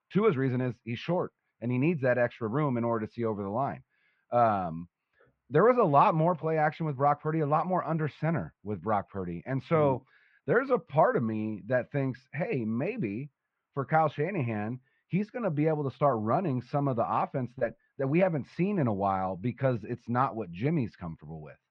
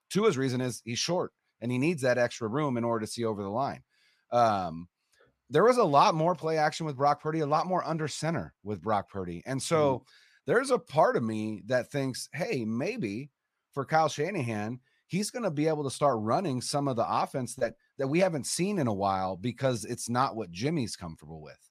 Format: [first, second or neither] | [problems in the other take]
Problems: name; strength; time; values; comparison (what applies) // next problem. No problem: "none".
second | muffled; very; fading above 2.5 kHz